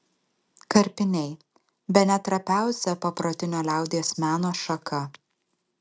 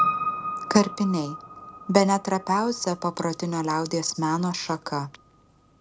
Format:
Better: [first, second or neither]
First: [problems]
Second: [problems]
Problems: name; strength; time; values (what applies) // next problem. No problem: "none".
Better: first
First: none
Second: background sound (Piano); 8 dB below the speech